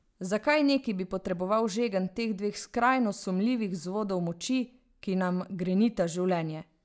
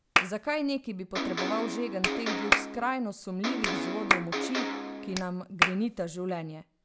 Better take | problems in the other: first | background sound (Electric guitar + Clapping); 2 dB above the speech

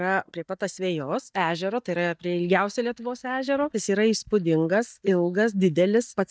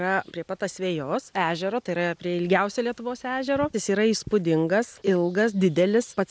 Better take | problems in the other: second | noise reduction (neural mask model DeepFilterNet 3)

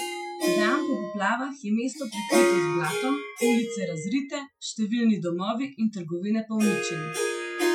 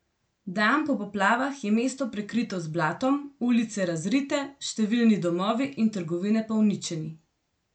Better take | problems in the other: second | noise reduction (classical method Wiener filter)

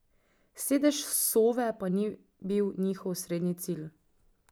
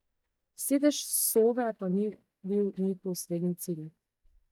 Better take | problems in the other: first | noise reduction (neural mask model DeepFilterNet 3)

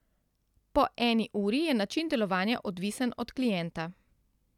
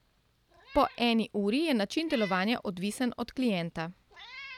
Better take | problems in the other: first | background sound (Meow); 19 dB below the speech

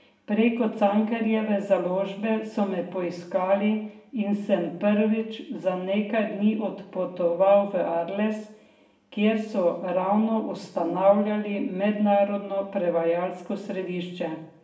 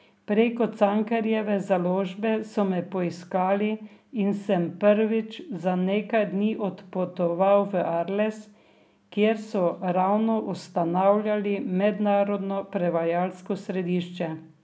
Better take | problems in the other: second | room echo; dies away in 0.6 s

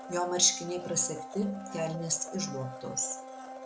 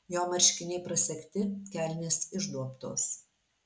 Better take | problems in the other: second | background sound (Domestic sounds, home sounds); 11 dB below the speech

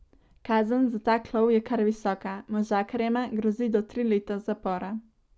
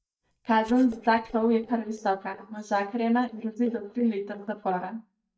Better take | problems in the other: first | noise reduction (neural mask model DeepFilterNet 3)

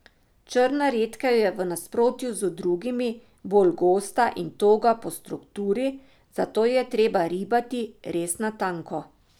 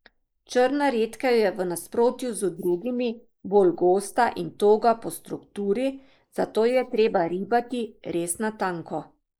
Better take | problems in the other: first | noise reduction (neural mask model Resemble Enhance denoiser)

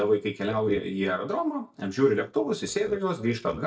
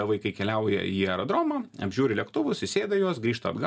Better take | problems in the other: second | noise reduction (neural mask model DeepFilterNet 3)

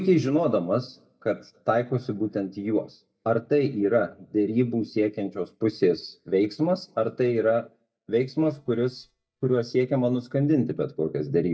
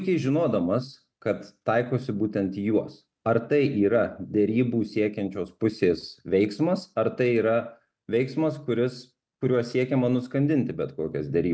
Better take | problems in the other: second | noise reduction (neural mask model DeepFilterNet 3)

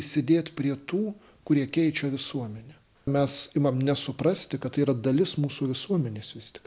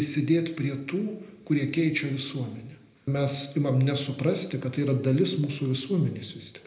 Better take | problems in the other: first | room echo; dies away in 0.7 s

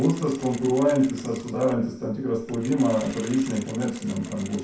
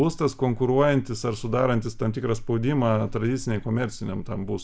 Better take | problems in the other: second | background sound (Mechanisms); 19 dB below the speech // room echo; dies away in 0.6 s

